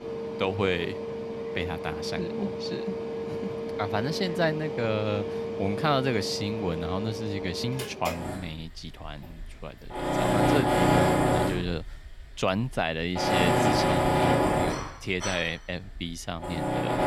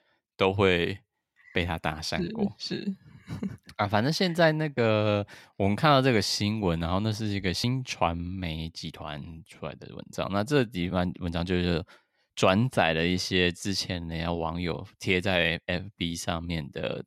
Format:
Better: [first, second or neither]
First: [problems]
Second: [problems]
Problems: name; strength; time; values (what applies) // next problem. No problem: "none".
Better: second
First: machinery noise; very loud; throughout; 2 dB above the speech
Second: none